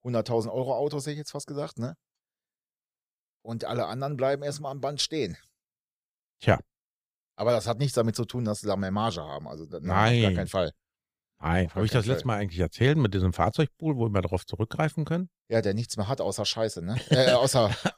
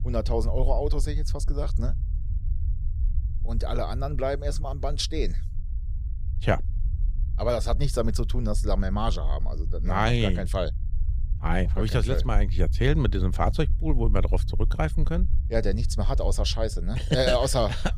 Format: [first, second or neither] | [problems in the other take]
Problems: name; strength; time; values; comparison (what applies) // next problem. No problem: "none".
first | low rumble; faint; throughout; 20 dB below the speech